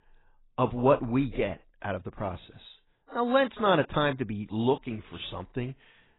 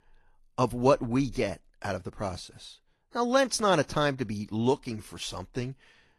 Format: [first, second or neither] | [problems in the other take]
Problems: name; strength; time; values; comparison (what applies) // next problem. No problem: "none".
second | garbled, watery; badly; nothing above 4 kHz; slightly in the second